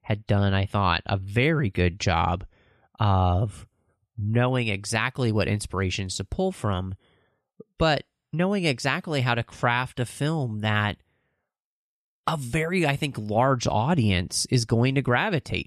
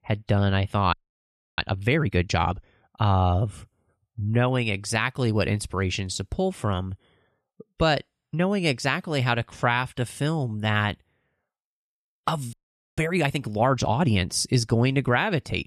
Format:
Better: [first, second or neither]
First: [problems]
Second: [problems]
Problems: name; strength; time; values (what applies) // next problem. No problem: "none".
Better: first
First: none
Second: audio freezing; at 1 s for 0.5 s and at 13 s